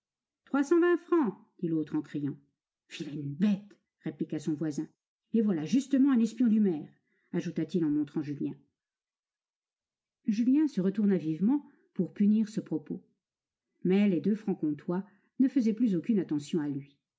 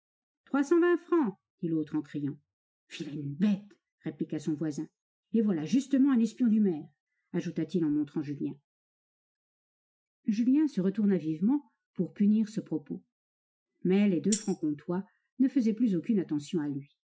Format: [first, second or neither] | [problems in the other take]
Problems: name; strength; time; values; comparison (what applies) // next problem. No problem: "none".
first | noise reduction (classical method Wiener filter)